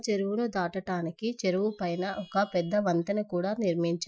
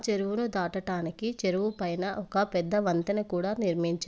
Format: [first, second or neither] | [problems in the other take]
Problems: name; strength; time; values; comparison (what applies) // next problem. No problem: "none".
second | noise reduction (classical method Wiener filter)